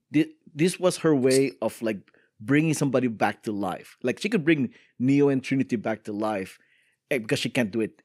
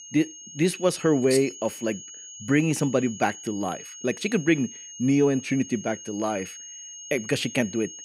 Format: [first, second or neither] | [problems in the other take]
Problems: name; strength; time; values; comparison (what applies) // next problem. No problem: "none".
first | high-pitched whine; noticeable; throughout; 6.5 kHz, 15 dB below the speech